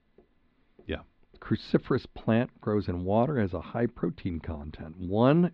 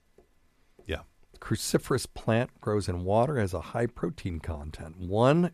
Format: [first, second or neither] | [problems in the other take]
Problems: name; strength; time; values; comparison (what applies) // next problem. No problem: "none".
second | muffled; slightly; fading above 4 kHz